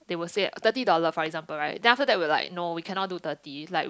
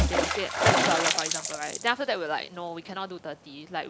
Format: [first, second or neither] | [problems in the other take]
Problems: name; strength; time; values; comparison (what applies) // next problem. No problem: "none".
first | background sound (Water / Splash, splatter); 3 dB above the speech